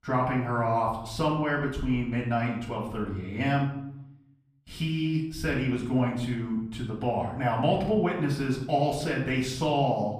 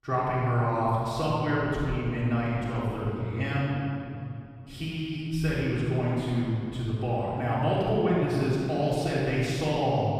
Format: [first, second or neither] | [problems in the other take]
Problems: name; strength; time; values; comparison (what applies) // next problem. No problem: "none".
first | room echo; strong; dies away in 2.6 s; slight in the first // off-mic speech; far; far in the first